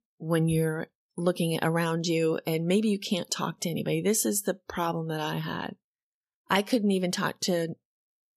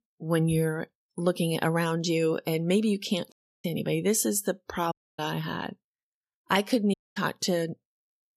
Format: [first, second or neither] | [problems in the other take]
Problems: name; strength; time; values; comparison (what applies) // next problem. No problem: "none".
first | audio cutting out; at 3.5 s, at 5 s and at 7 s